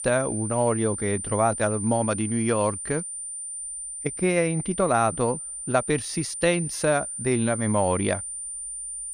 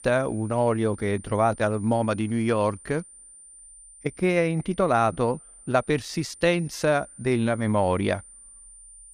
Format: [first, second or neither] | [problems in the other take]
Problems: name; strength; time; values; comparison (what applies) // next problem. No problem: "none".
second | high-pitched whine; loud; throughout; 9 kHz, 6 dB below the speech; faint in the second